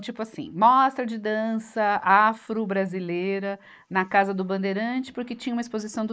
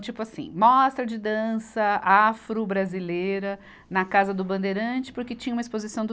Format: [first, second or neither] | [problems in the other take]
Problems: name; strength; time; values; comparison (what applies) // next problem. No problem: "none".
second | noise reduction (neural mask model Resemble Enhance denoiser)